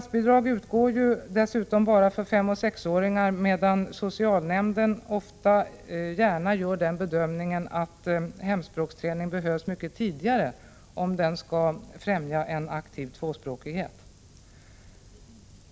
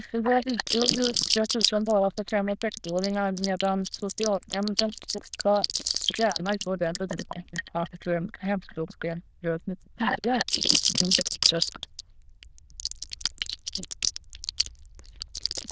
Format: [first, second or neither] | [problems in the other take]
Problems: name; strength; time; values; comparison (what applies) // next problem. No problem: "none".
first | noise reduction (neural diffusion model UNIVERSE++)